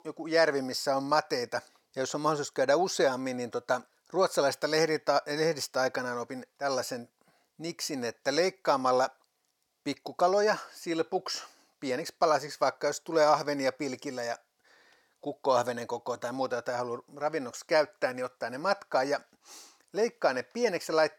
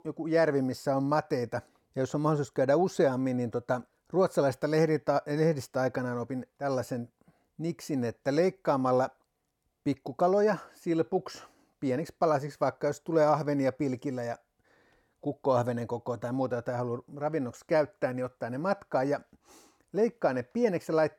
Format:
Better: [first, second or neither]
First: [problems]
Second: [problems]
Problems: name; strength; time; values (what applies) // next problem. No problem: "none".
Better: second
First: thin; very slightly; fading below 950 Hz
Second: none